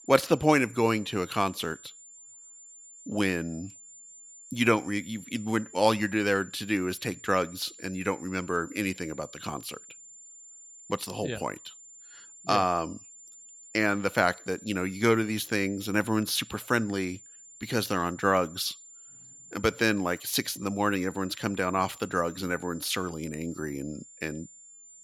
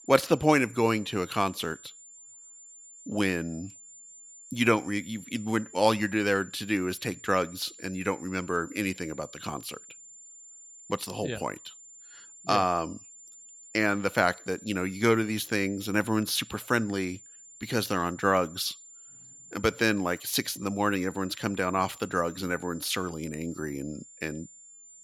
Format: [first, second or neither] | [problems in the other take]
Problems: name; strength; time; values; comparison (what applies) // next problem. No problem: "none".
neither | high-pitched whine; noticeable; throughout; 7 kHz, 20 dB below the speech; the same in both